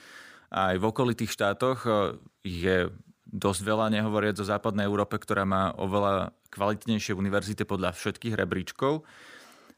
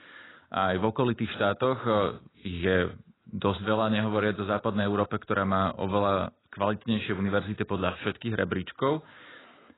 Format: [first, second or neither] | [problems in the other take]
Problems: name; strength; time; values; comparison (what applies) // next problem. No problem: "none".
first | garbled, watery; badly; nothing above 4 kHz